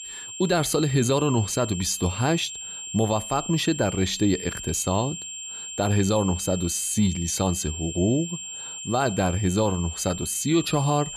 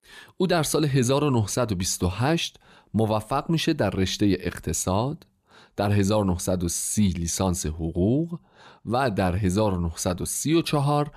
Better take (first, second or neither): second